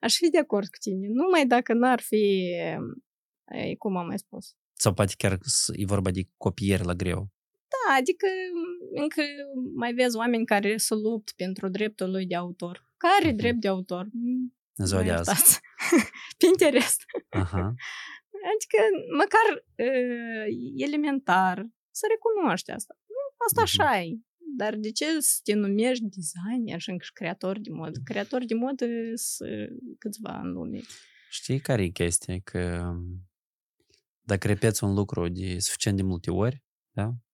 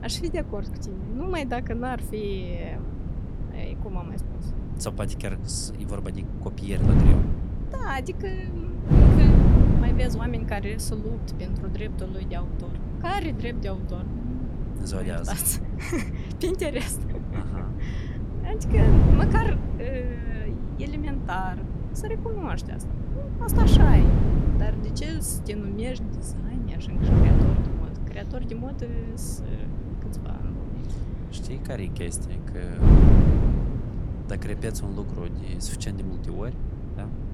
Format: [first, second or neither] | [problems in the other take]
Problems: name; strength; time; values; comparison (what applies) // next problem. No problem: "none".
first | wind noise on the microphone; heavy; 1 dB below the speech